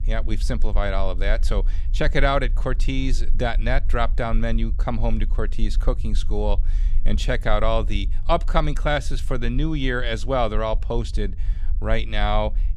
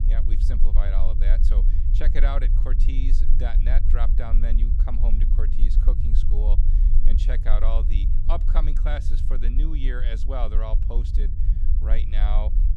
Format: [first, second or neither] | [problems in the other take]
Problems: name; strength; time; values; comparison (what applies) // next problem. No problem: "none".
first | low rumble; loud; throughout; 8 dB below the speech; faint in the first